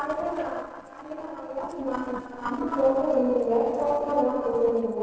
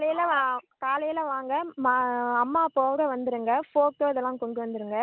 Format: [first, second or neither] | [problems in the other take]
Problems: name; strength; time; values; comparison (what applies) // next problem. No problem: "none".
second | noise reduction (neural separator model SepFormer DNS4)